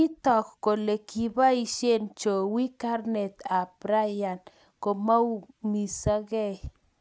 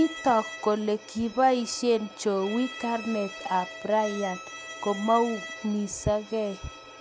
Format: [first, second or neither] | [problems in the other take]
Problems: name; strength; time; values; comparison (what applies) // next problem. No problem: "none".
first | background sound (Bowed string instrument); 14 dB below the speech